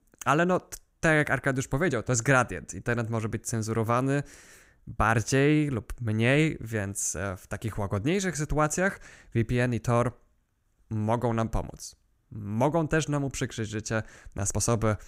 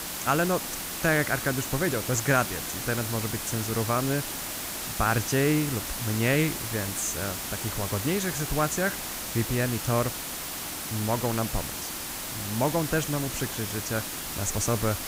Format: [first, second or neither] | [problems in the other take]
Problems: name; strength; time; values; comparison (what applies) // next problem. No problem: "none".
first | hiss; loud; throughout; 3 dB below the speech